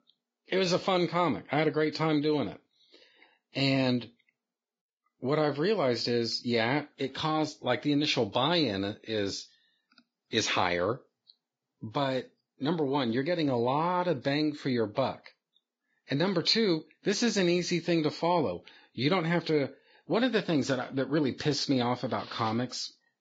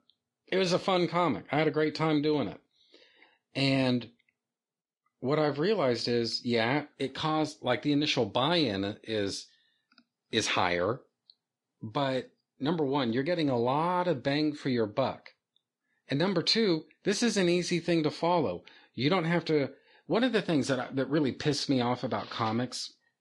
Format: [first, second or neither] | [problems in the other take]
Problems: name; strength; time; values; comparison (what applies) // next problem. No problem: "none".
second | garbled, watery; badly; nothing above 7.5 kHz; slightly in the second